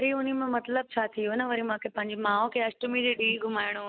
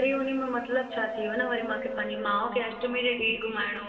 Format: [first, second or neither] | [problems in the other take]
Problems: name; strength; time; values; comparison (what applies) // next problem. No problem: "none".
first | background sound (Subway, metro, underground); 11 dB below the speech // room echo; dies away in 2.7 s